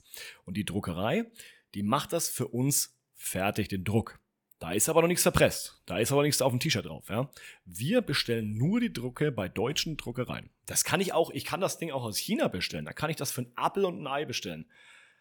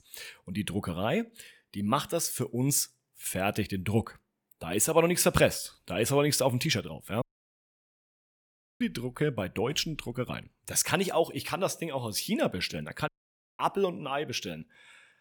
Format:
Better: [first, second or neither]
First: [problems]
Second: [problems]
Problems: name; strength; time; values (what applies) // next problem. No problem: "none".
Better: first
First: none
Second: audio cutting out; at 7 s for 1.5 s and at 13 s for 0.5 s